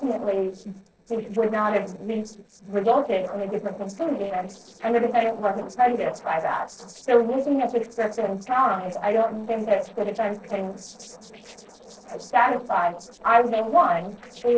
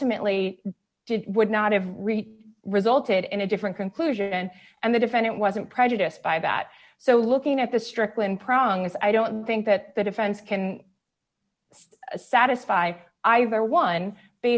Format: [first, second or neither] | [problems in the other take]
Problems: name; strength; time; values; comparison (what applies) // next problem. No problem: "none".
second | noise reduction (neural separator model SepFormer DNS4)